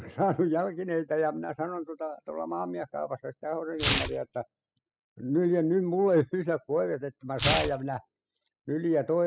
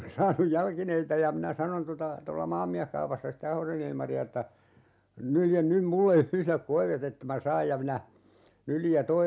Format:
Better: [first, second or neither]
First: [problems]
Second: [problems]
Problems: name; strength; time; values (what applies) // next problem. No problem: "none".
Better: second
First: noise reduction (classical method spectral subtraction)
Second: none